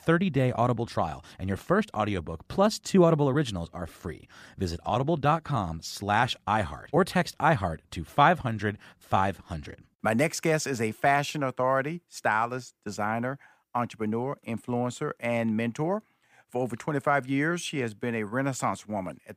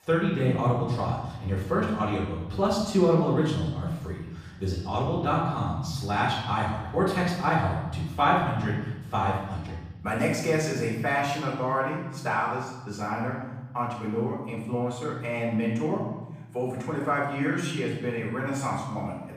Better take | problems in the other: first | off-mic speech; far // room echo; noticeable; dies away in 1.4 s

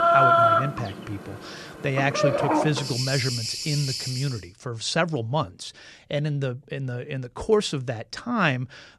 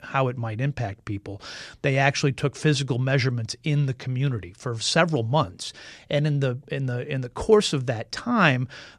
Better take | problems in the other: second | animal sounds; very loud; until 4.5 s; 4 dB above the speech

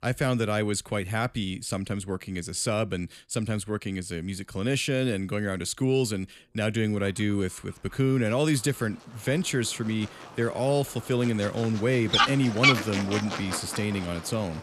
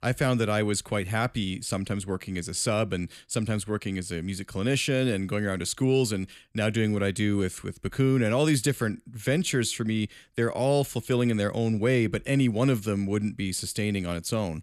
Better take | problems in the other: second | animal sounds; very loud; throughout; as loud as the speech

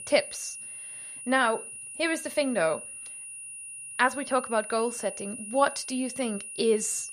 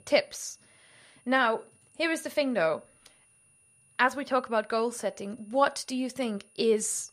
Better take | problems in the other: second | high-pitched whine; loud; throughout; 9.5 kHz, 10 dB below the speech; faint in the second

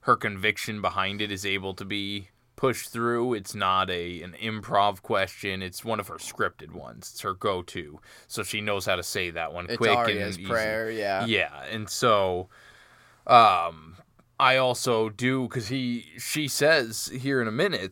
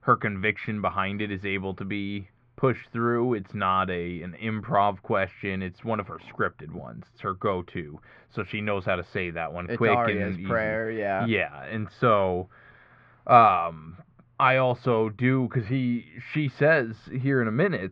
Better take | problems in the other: first | muffled; very; fading above 2.5 kHz

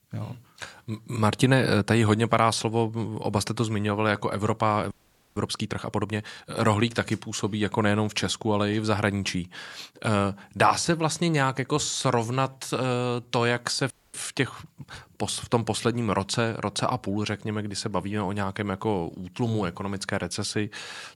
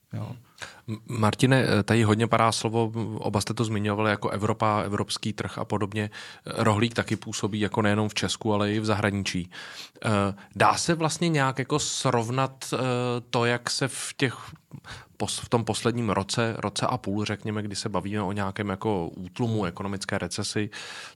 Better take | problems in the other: second | audio freezing; at 5 s and at 14 s

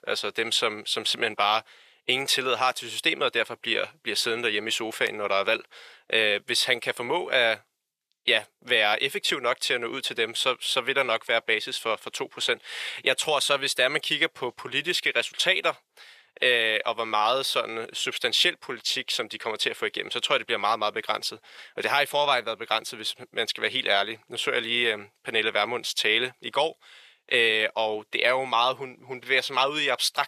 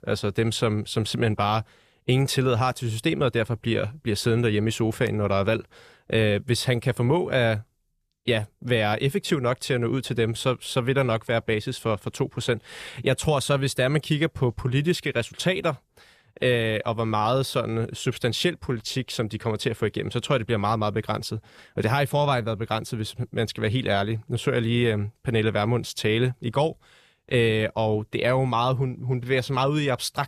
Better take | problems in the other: second | thin; very; fading below 550 Hz

